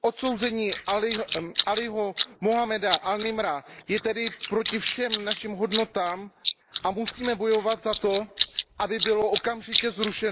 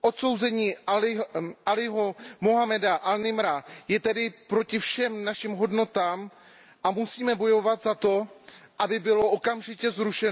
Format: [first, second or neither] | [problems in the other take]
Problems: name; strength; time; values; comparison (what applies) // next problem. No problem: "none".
second | noise reduction (neural mask model Resemble Enhance denoiser)